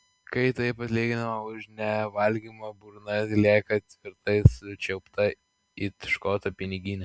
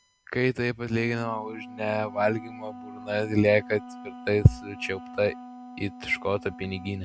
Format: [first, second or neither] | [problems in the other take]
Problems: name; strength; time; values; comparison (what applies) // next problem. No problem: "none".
first | background sound (Wind instrument, woodwind instrument); 16 dB below the speech